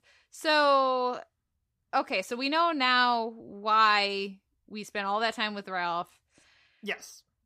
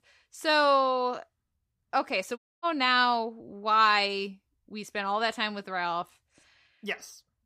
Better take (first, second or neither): first